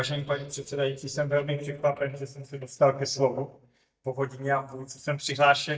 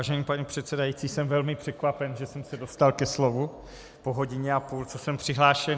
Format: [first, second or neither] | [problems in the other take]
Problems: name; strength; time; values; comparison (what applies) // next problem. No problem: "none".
second | noise reduction (neural mask model DeepFilterNet 3)